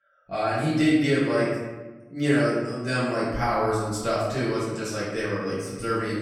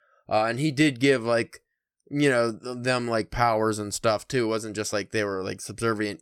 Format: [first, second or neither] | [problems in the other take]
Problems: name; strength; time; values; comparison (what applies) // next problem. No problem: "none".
second | off-mic speech; far // room echo; noticeable; dies away in 1.1 s